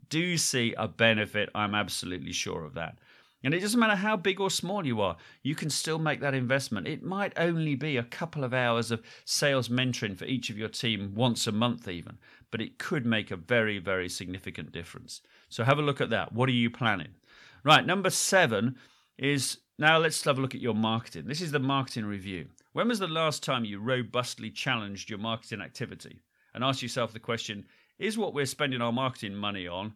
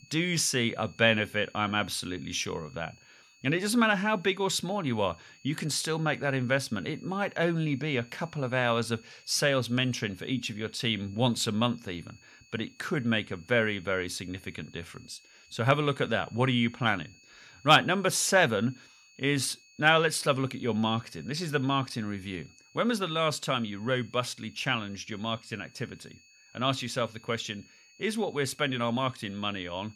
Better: first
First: none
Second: high-pitched whine; faint; throughout; 2.5 kHz, 25 dB below the speech

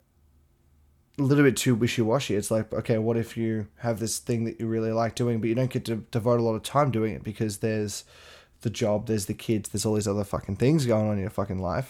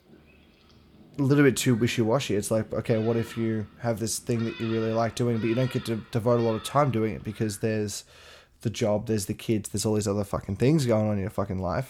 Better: first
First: none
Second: rain or running water; noticeable; throughout; 20 dB below the speech

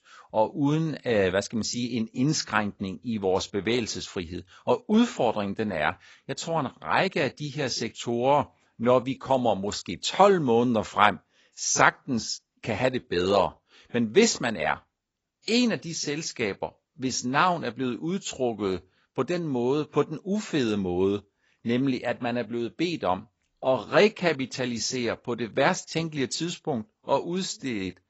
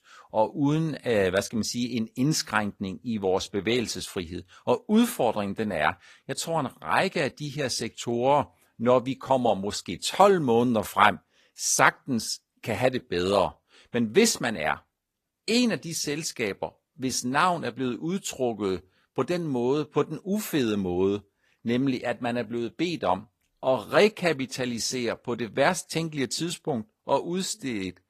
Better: second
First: garbled, watery; badly; nothing above 7.5 kHz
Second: garbled, watery; slightly; nothing above 14.5 kHz

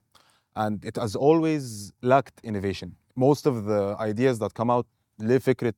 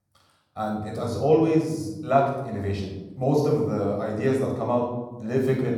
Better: first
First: none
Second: off-mic speech; somewhat distant // room echo; noticeable; dies away in 1 s

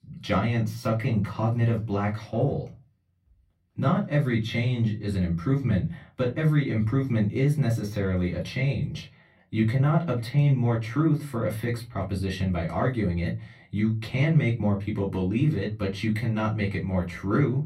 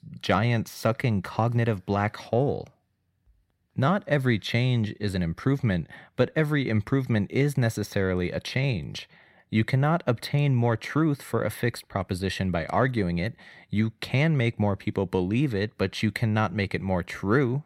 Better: second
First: off-mic speech; far // room echo; very slight; dies away in 0.3 s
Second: none

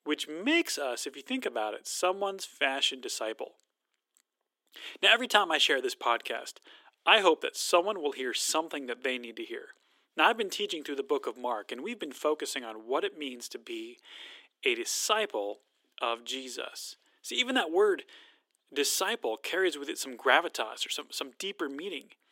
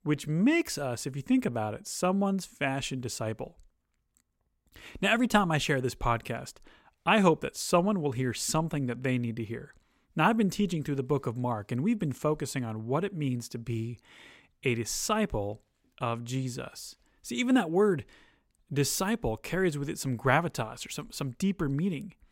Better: second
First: thin; somewhat; fading below 300 Hz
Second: none

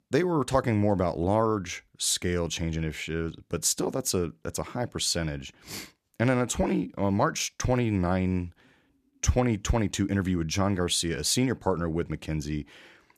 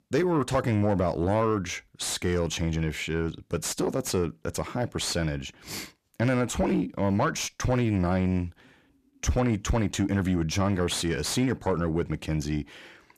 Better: first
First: none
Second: distortion; slight; 10 dB below the speech

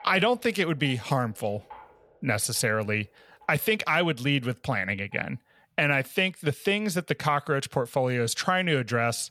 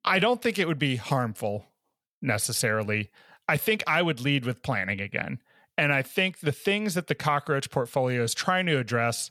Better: second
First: rain or running water; faint; throughout; 30 dB below the speech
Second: none

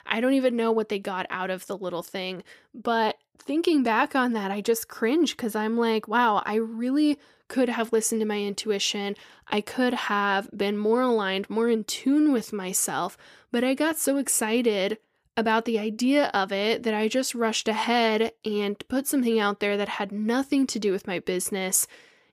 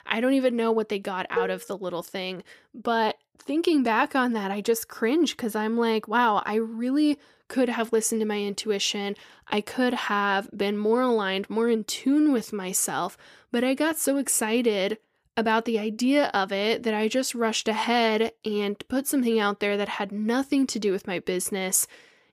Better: first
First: none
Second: clattering dishes; noticeable; at 1.5 s; peak 5 dB below the speech

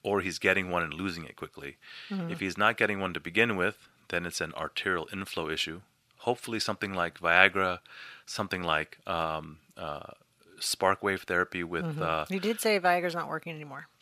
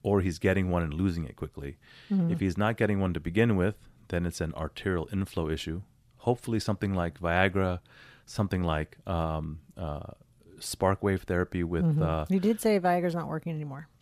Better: second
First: thin; somewhat; fading below 650 Hz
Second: none

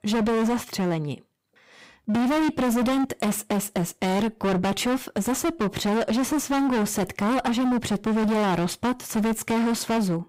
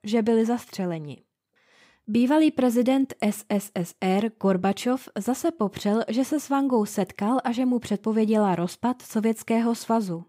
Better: second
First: distortion; heavy; 32% of the sound clipped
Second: none

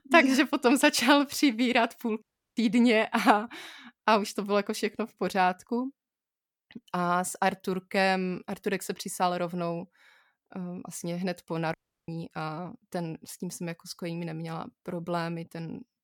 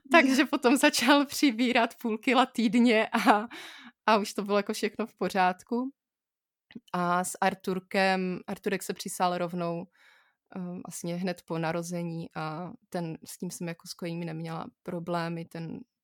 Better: second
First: audio cutting out; at 2 s and at 12 s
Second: none

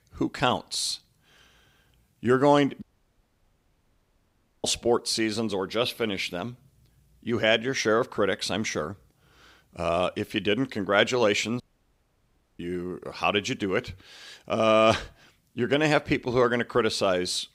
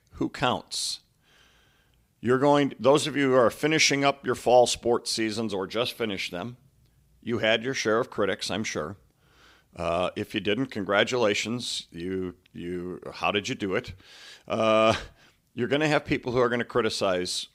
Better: second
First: audio cutting out; at 3 s for 2 s and at 12 s for 1 s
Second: none

